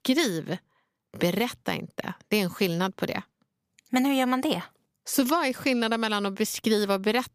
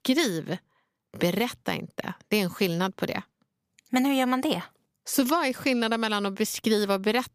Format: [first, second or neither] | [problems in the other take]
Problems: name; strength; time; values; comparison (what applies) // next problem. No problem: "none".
neither | none